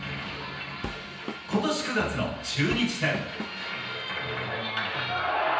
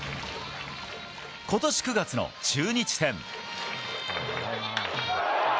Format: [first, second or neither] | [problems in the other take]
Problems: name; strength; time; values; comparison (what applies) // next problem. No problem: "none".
second | background sound (Drum kit); 12 dB below the speech // room echo; dies away in 0.9 s